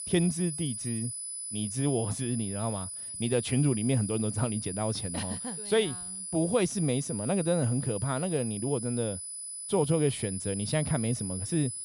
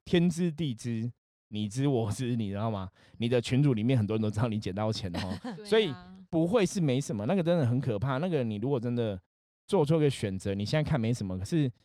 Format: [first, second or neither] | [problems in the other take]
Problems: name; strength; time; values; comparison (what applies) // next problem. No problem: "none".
second | high-pitched whine; loud; throughout; 10 kHz, 5 dB below the speech